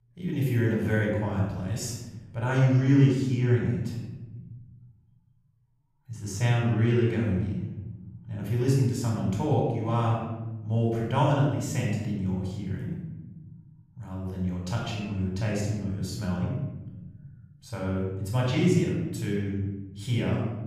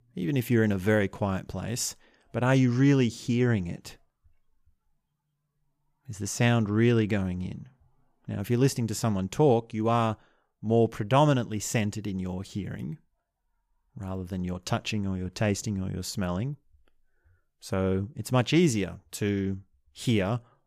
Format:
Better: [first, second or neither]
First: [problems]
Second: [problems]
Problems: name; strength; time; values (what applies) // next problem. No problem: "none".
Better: second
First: off-mic speech; far // room echo; noticeable; dies away in 1.4 s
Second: none